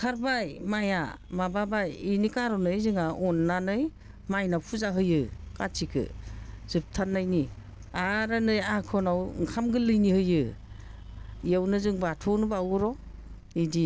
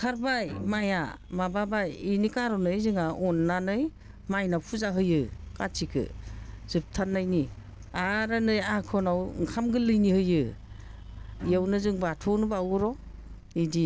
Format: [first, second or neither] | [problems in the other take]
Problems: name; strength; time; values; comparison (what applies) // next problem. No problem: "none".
first | background sound (Bowed string instrument); 17 dB below the speech